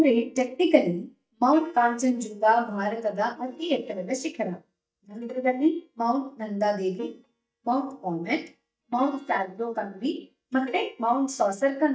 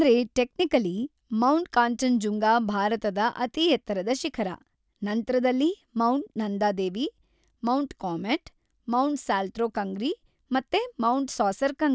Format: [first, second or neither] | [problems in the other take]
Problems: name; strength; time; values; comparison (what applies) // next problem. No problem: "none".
second | noise reduction (neural mask model DeepFilterNet 3)